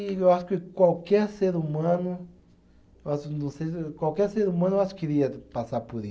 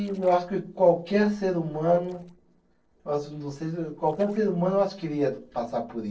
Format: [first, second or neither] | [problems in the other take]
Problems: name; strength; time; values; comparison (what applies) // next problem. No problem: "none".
first | noise reduction (neural separator model SepFormer DNS4)